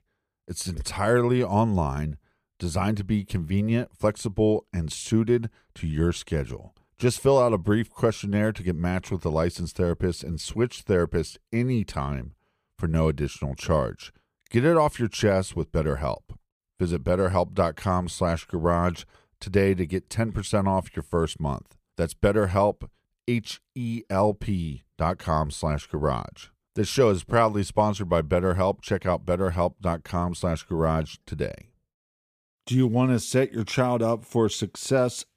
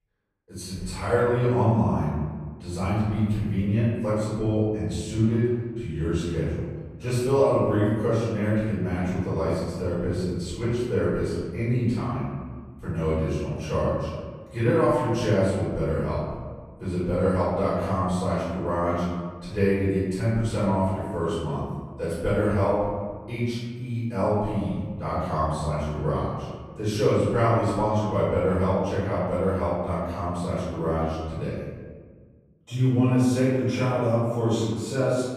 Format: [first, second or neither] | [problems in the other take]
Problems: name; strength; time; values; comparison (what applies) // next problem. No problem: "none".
first | off-mic speech; far // room echo; strong; dies away in 1.6 s